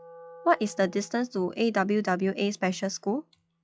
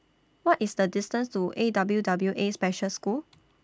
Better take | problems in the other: second | noise reduction (classical method log-MMSE)

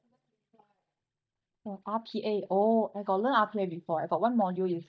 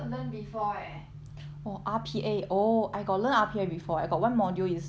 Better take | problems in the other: second | noise reduction (neural mask model DeepFilterNet 3)

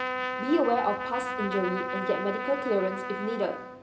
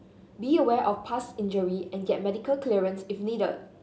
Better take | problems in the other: second | background sound (Trumpet); 4 dB below the speech

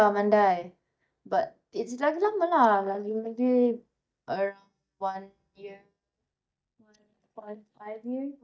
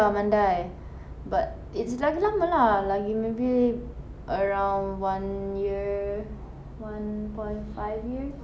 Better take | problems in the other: second | noise reduction (neural mask model DeepFilterNet 3)

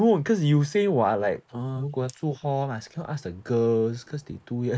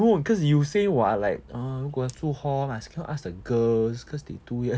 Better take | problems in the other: second | noise reduction (neural mask model Resemble Enhance denoiser)

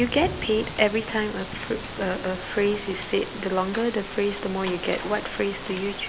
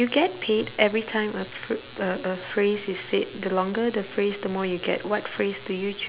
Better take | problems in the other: second | background sound (Rain); 10 dB below the speech

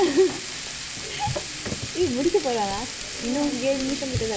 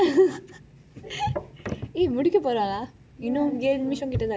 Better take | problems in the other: second | background sound (Frying (food)); 8 dB below the speech

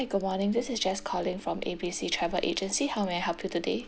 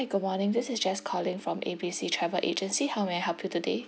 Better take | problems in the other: second | background sound (Bicycle); 17 dB below the speech

